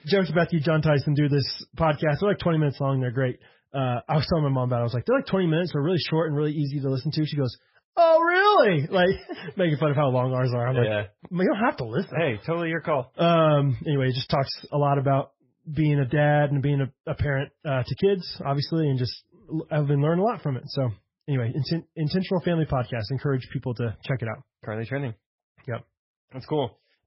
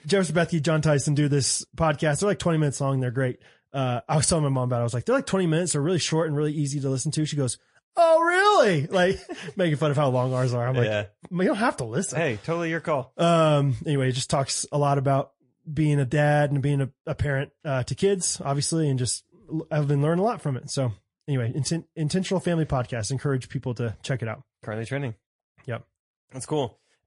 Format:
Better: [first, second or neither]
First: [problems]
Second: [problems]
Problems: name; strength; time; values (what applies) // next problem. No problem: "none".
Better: second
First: garbled, watery; badly; nothing above 5.5 kHz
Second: garbled, watery; slightly; nothing above 10.5 kHz